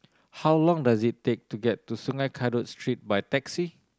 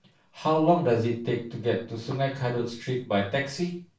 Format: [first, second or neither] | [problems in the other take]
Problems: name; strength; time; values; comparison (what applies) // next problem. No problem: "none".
first | room echo; dies away in 0.3 s